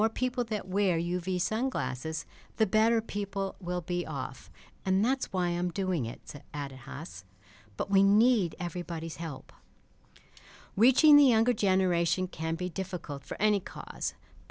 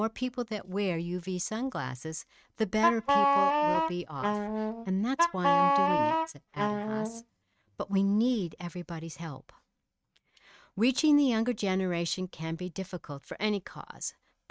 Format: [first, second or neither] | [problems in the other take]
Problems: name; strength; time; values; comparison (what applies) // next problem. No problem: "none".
first | noise reduction (neural mask model RNNoise)